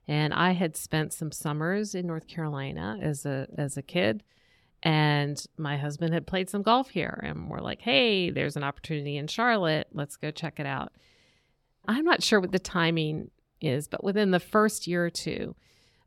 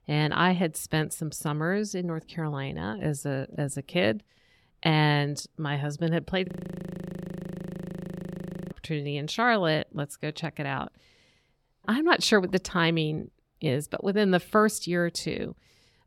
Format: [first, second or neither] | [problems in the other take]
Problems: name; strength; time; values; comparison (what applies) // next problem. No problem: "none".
first | audio freezing; at 6.5 s for 2.5 s